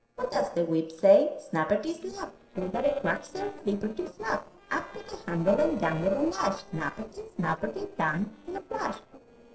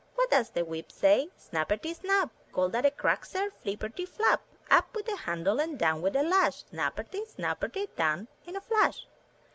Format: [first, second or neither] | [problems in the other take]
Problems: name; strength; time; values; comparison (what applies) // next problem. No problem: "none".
second | noise reduction (neural separator model SepFormer DNS4)